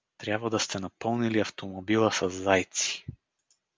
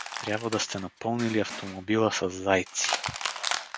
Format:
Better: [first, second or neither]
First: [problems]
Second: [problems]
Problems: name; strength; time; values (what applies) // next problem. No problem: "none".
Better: first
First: none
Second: background sound (Crushing); 7 dB below the speech